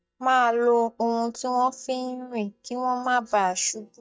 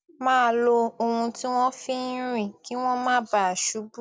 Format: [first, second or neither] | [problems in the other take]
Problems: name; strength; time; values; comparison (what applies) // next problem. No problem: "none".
second | noise reduction (neural mask model DeepFilterNet 3)